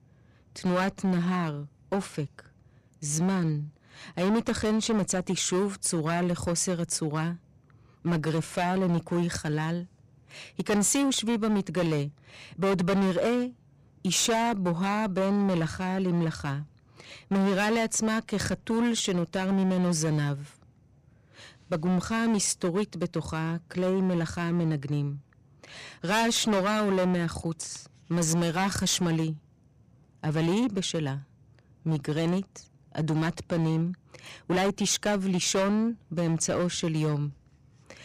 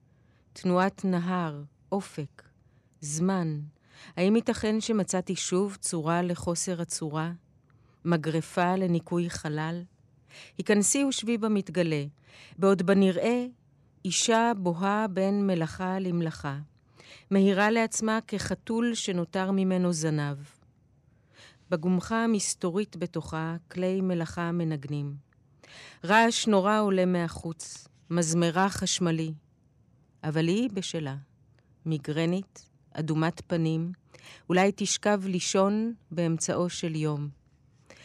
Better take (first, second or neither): second